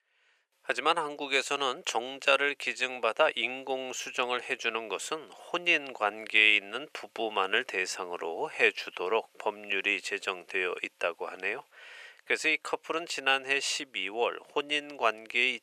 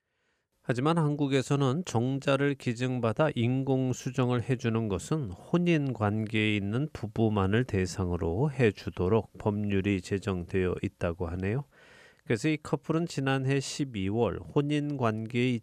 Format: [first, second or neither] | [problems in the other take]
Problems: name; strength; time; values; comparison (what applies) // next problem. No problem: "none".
second | thin; very; fading below 550 Hz